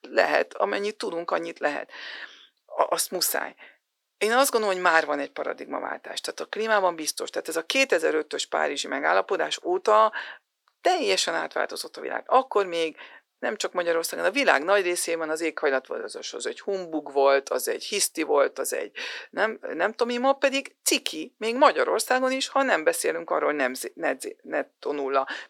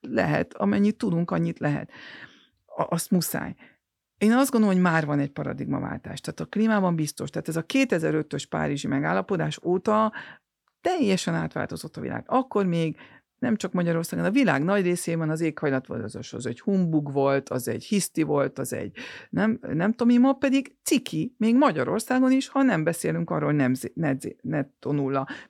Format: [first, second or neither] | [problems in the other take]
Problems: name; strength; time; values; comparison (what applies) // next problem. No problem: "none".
second | thin; very; fading below 400 Hz